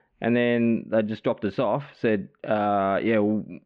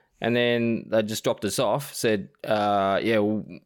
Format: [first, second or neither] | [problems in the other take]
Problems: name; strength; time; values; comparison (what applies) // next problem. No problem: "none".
second | muffled; very; fading above 3 kHz